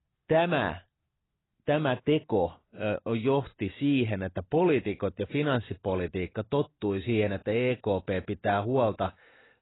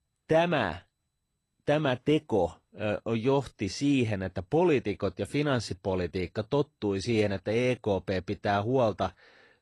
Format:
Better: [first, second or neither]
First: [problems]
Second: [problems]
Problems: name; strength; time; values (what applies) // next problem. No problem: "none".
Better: second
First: garbled, watery; badly; nothing above 4 kHz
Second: garbled, watery; slightly; nothing above 11 kHz